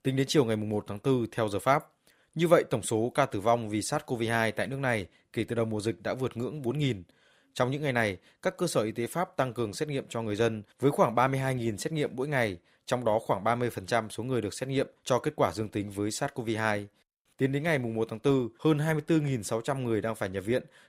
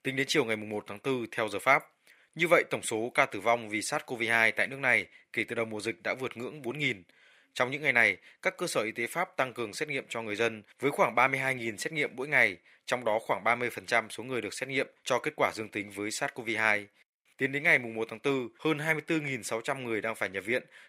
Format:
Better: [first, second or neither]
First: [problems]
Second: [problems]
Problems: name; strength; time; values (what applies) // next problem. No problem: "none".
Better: first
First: none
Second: thin; very slightly; fading below 400 Hz